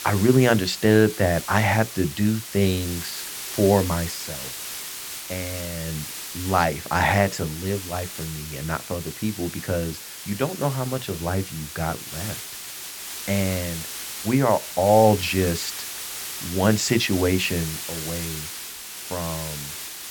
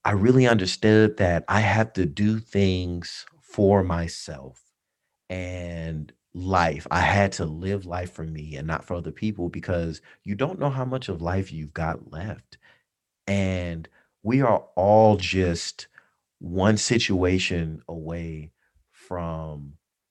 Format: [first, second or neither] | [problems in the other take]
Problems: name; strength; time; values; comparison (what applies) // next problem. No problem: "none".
second | hiss; loud; throughout; 9 dB below the speech